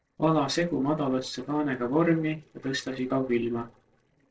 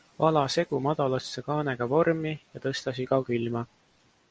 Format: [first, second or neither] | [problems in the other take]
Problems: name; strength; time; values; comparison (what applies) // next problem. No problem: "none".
second | noise reduction (neural separator model SepFormer DNS4)